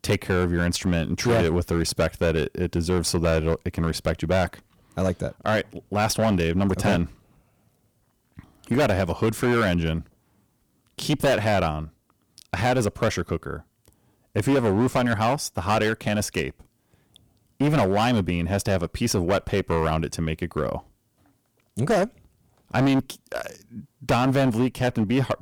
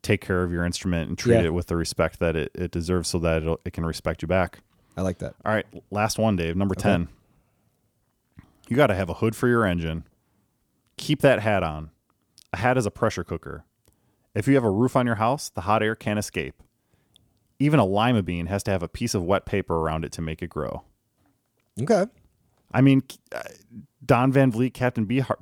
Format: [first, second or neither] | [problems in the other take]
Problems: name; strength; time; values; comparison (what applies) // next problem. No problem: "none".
second | distortion; heavy; 12% of the sound clipped